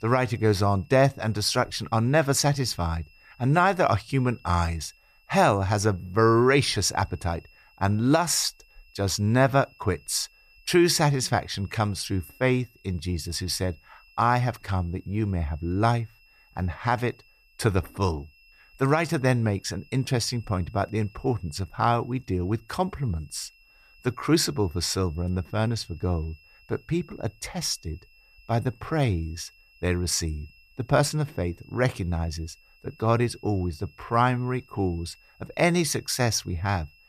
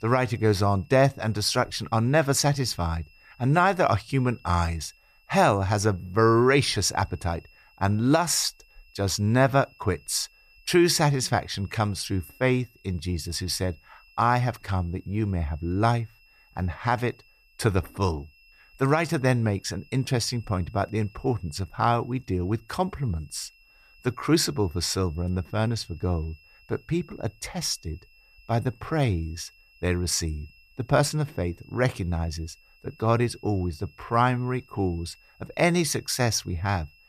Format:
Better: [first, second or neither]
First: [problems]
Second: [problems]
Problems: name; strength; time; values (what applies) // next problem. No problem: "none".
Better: neither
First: high-pitched whine; faint; throughout; 2.5 kHz, 30 dB below the speech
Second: high-pitched whine; faint; throughout; 2.5 kHz, 30 dB below the speech